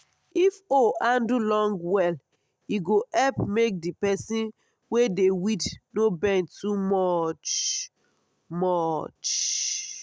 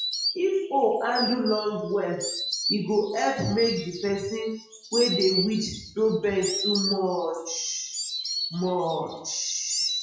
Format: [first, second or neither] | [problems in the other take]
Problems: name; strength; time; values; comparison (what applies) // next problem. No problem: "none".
first | noise reduction (classical method WPE with log-MMSE)